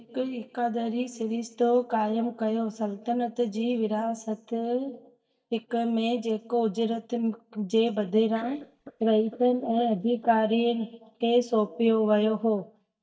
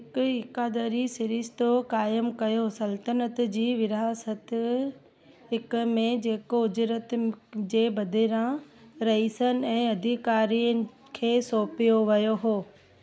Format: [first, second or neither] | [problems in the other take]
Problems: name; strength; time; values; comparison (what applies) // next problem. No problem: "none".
second | noise reduction (neural mask model DeepFilterNet 3)